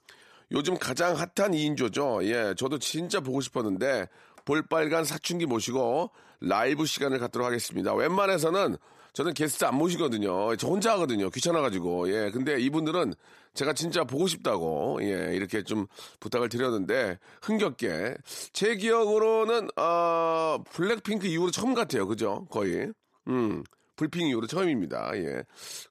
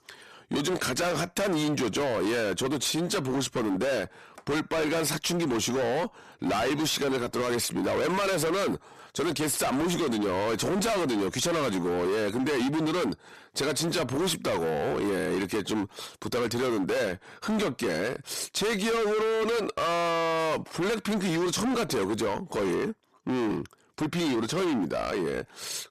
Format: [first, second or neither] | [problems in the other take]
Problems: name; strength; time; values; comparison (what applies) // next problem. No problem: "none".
first | distortion; heavy; 32% of the sound clipped